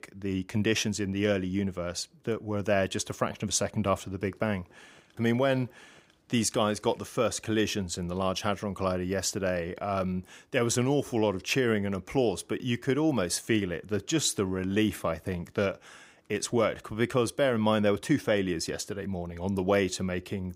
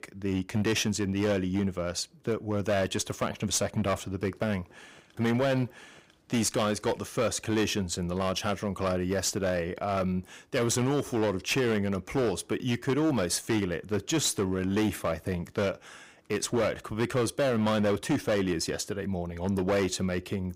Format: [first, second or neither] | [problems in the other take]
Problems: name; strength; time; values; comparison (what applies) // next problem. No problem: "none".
first | distortion; slight; 9% of the sound clipped